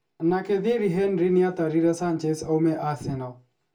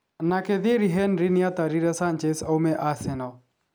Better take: second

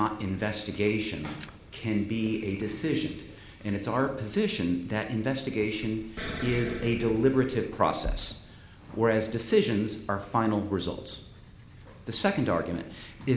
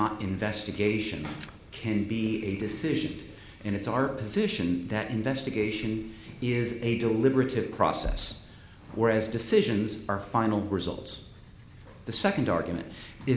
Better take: second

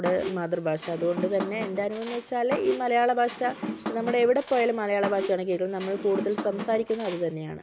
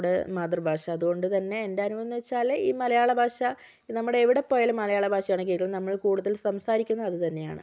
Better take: second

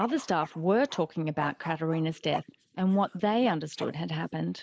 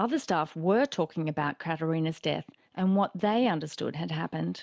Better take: second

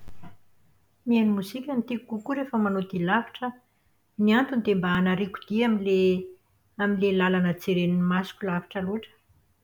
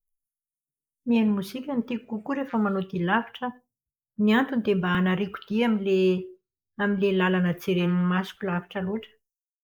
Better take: first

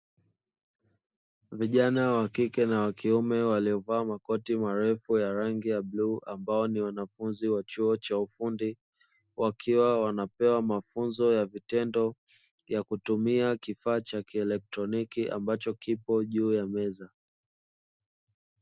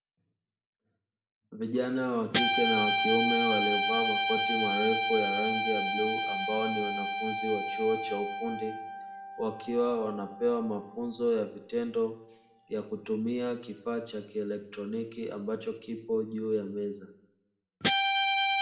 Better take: first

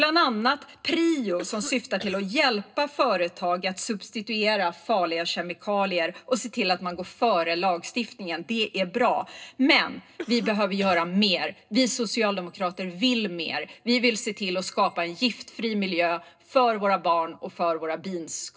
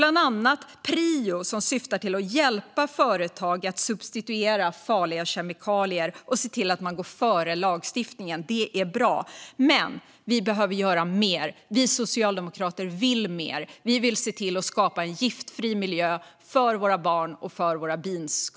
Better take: second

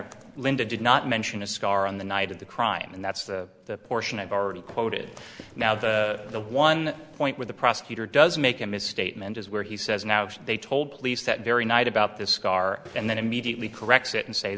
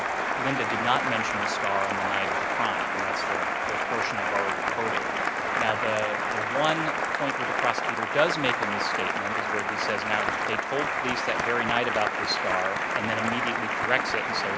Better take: first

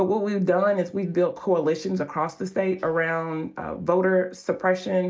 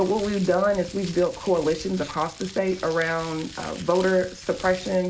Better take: first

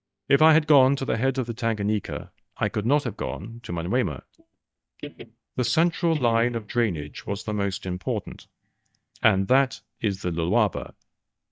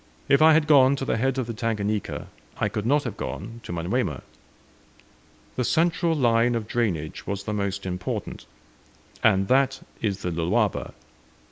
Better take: second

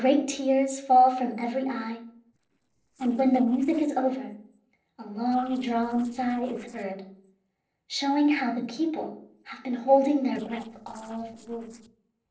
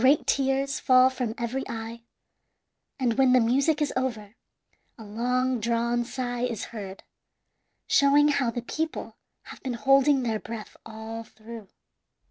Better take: second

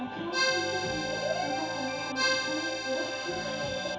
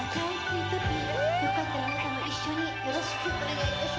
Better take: second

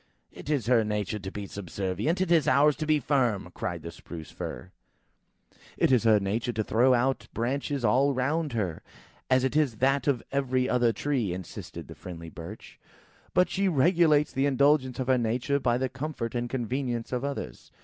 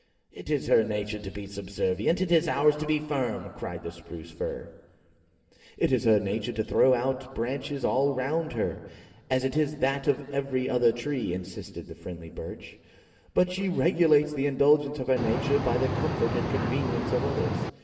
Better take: first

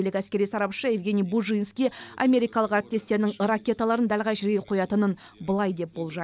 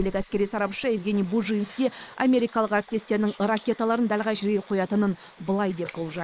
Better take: first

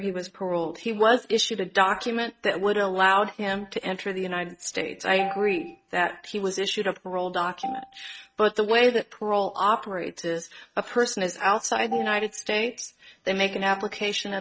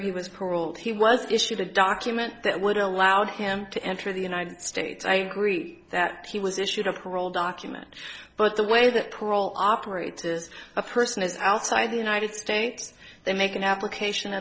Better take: second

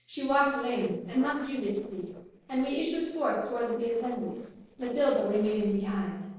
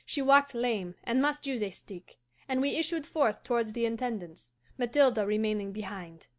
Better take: second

